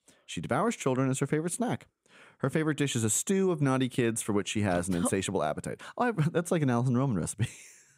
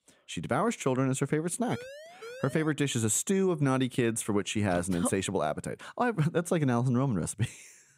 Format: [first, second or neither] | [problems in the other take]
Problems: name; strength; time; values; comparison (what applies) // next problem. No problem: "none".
first | siren; faint; from 1.5 to 2.5 s; peak 15 dB below the speech